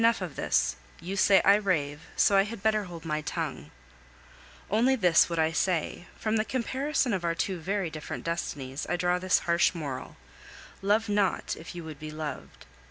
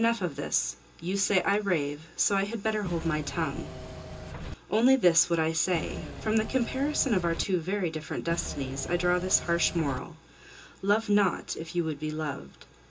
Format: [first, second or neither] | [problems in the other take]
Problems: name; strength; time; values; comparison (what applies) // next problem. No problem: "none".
first | background sound (Engine / Mechanisms); 9 dB below the speech // room echo; dies away in 0.2 s